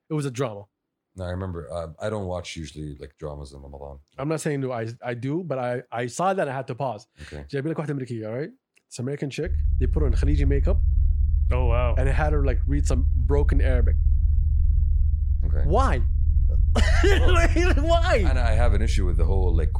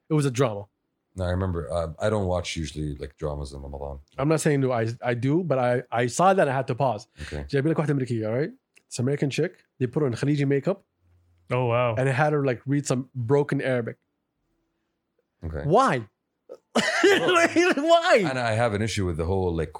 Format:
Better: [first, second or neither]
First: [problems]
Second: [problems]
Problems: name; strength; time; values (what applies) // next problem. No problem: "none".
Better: second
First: low rumble; noticeable; from 9.5 s on; 15 dB below the speech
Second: none